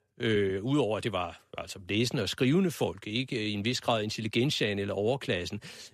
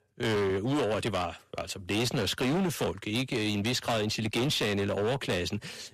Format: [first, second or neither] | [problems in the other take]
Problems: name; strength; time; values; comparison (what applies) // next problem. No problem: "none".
first | distortion; heavy; 20% of the sound clipped